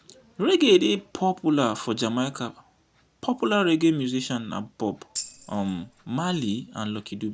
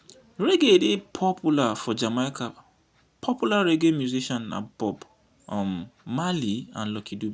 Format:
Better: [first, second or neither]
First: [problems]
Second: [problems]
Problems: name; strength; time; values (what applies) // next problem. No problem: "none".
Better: second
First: background sound (Tambourine); 14 dB below the speech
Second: none